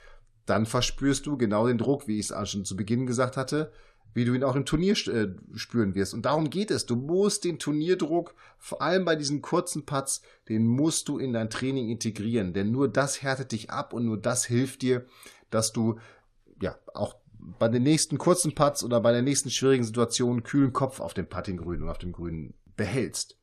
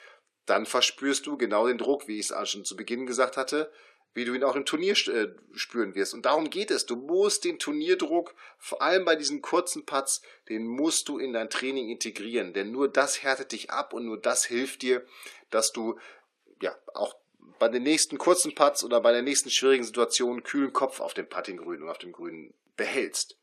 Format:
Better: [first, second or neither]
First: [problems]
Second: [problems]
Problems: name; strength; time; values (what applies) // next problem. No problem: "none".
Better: first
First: none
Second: thin; somewhat; fading below 300 Hz